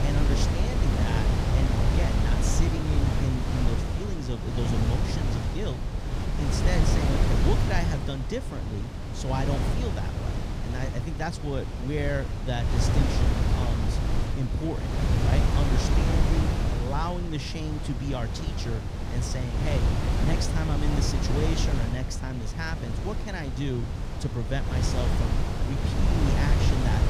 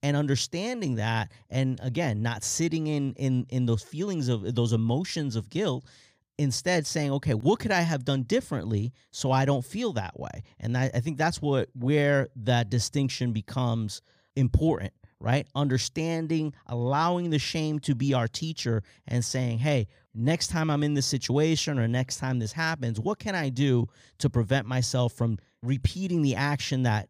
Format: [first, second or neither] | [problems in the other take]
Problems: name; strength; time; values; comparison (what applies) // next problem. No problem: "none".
second | wind noise on the microphone; heavy; 1 dB above the speech